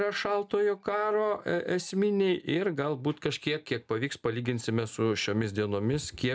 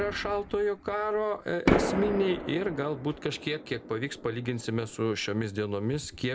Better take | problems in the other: first | background sound (Fireworks); 5 dB below the speech

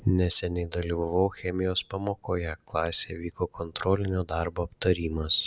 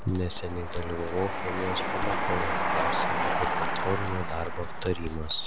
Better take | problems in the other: first | background sound (Zipper (clothing) + Train); 4 dB above the speech

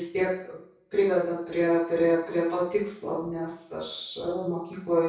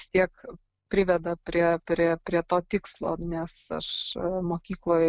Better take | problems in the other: second | room echo; dies away in 0.6 s

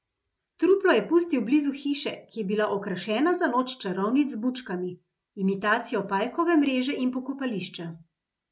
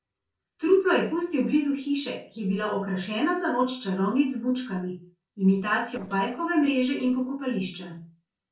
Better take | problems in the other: first | noise reduction (neural separator model SepFormer DNS4)

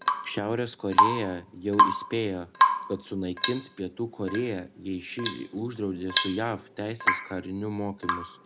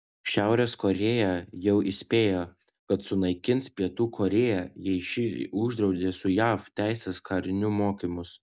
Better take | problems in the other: second | background sound (Drip / Water tap, faucet / Rain); 3 dB above the speech

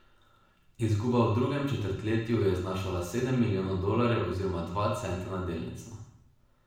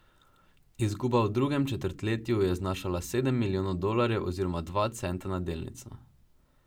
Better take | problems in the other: second | room echo; dies away in 0.7 s

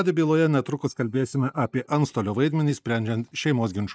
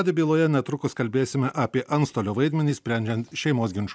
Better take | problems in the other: second | noise reduction (neural mask model DeepFilterNet 3)

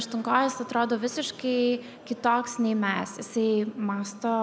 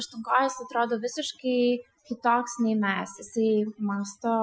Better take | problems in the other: first | noise reduction (classical method Wiener filter)

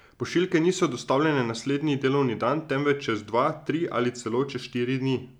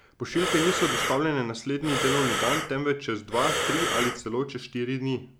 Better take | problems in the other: first | background sound (Breathing); 1 dB below the speech

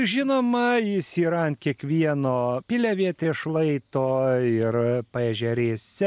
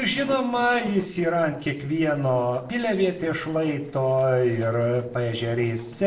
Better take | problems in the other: first | noise reduction (neural separator model SepFormer DNS4)

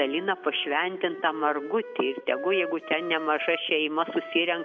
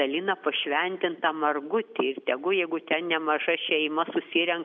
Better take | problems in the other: second | background sound (Wind instrument, woodwind instrument); 12 dB below the speech

